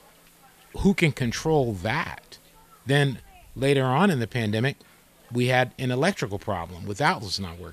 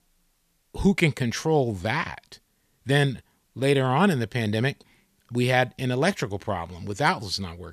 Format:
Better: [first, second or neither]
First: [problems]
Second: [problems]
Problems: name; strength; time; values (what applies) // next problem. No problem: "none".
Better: second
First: hiss; faint; throughout; 30 dB below the speech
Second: none